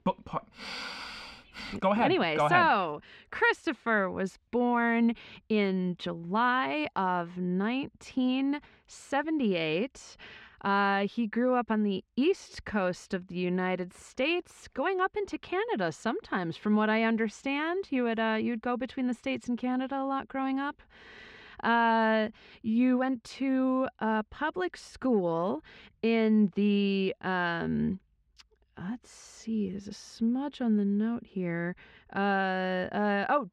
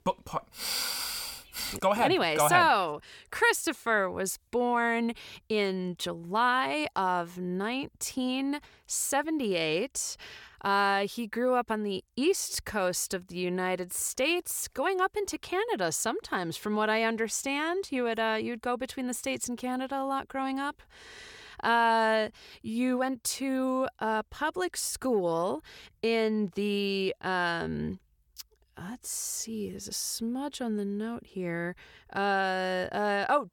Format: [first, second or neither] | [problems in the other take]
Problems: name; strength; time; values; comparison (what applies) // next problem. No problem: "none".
second | muffled; slightly; fading above 2.5 kHz